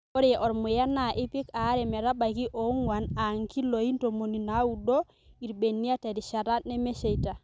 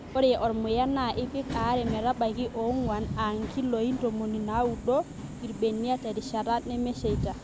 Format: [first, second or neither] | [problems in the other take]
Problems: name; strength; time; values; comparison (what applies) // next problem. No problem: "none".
first | background sound (Subway, metro, underground); 11 dB below the speech